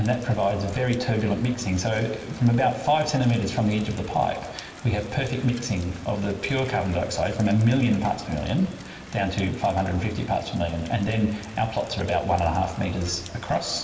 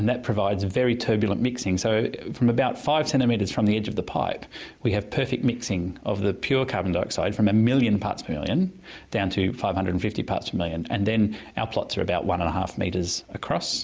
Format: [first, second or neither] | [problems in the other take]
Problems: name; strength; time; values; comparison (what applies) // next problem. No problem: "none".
second | background sound (Rain); 19 dB below the speech // room echo; dies away in 2.1 s